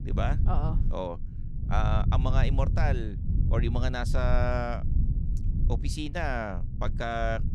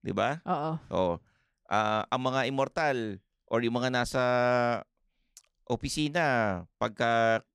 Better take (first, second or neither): second